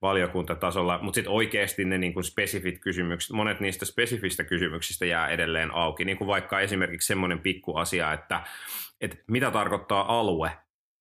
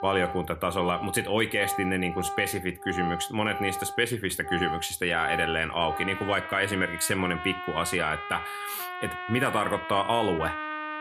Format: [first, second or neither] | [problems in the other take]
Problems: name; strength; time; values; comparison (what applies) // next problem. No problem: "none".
first | background music; loud; throughout; 8 dB below the speech